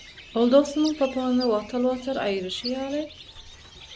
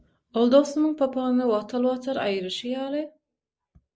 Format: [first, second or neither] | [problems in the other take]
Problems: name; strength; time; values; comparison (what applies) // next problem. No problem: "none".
second | background sound (Bird); 17 dB below the speech